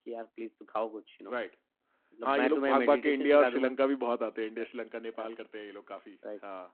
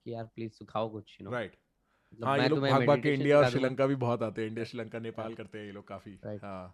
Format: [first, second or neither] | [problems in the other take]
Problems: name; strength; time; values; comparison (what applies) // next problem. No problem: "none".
second | phone-call audio